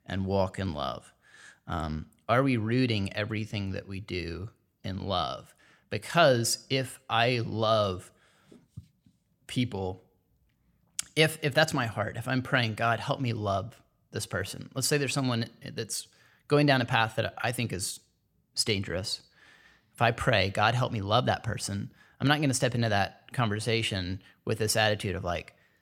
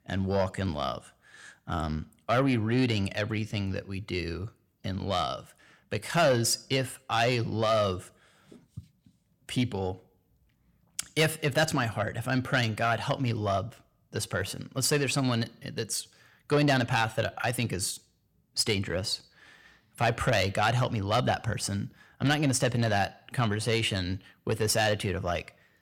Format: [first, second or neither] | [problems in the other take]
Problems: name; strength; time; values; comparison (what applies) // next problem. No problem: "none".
first | distortion; slight; 10 dB below the speech